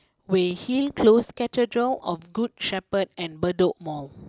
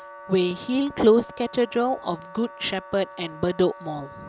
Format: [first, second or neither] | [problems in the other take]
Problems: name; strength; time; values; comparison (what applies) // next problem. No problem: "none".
first | background sound (Wind instrument, woodwind instrument); 18 dB below the speech